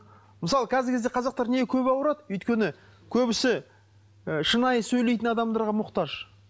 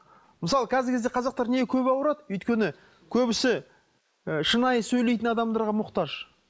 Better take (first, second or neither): first